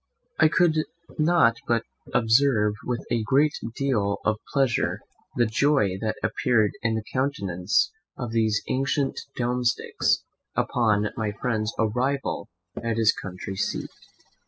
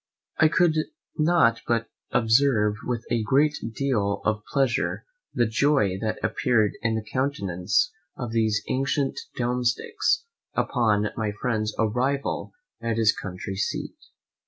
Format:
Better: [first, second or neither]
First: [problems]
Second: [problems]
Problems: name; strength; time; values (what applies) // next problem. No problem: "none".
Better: second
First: noise reduction (classical method spectral subtraction)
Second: none